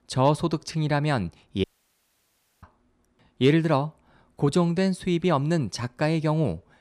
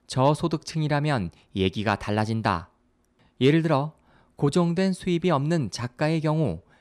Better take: second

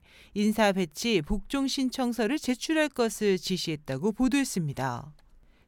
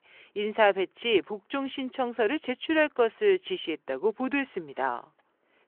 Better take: first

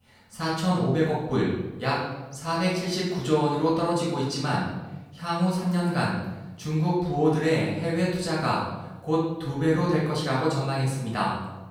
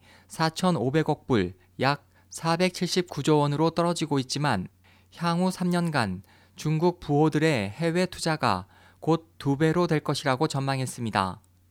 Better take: second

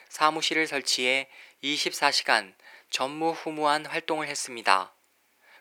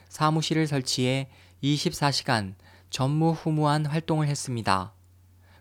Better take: second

